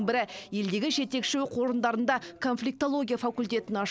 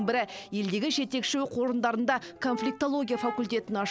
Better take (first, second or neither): first